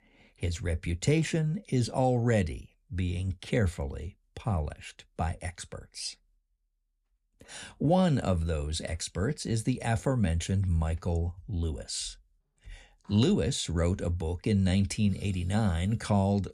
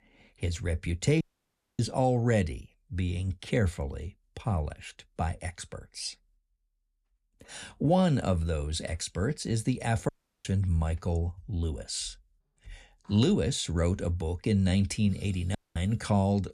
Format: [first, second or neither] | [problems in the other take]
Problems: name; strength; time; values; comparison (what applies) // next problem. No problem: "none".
first | audio cutting out; at 1 s for 0.5 s, at 10 s and at 16 s